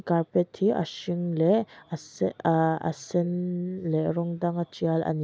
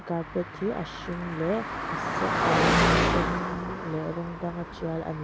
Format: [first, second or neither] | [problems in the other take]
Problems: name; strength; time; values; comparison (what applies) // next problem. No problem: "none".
first | background sound (Car passing by); 4 dB above the speech